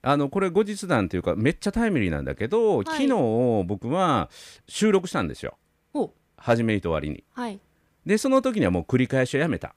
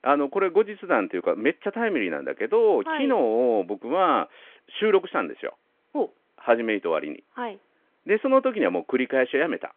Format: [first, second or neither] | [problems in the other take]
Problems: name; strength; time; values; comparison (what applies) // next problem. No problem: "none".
first | phone-call audio; nothing above 3.5 kHz